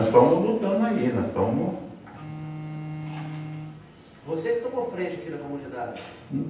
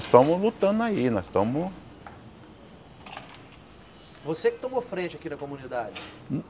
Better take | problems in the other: second | background sound (Bowed string instrument); 12 dB below the speech // room echo; dies away in 0.9 s

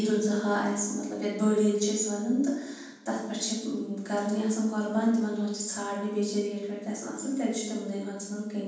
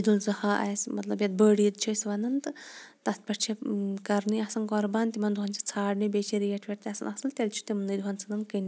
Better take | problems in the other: second | room echo; dies away in 1.2 s

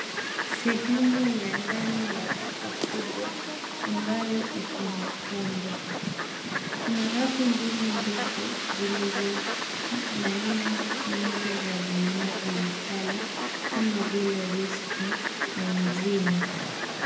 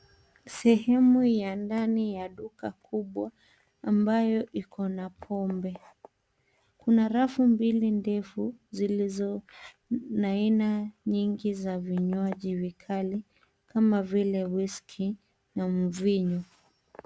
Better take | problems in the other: second | background sound (Fowl); 1 dB below the speech // room echo; dies away in 0.8 s

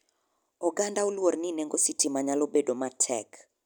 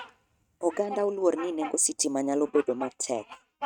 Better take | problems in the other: first | noise reduction (neural mask model RNNoise)

